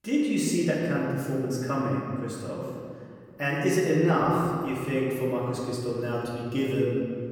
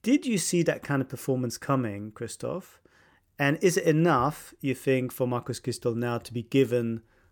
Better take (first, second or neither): second